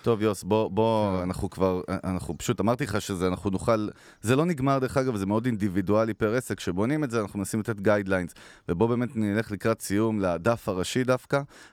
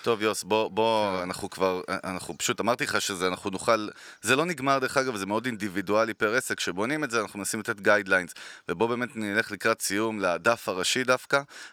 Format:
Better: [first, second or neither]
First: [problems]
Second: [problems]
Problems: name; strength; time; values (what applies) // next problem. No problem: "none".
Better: first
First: none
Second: thin; somewhat; fading below 600 Hz